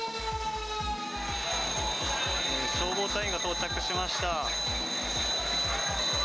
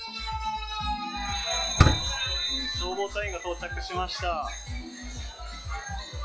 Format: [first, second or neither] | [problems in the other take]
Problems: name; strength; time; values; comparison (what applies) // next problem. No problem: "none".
first | noise reduction (classical method log-MMSE)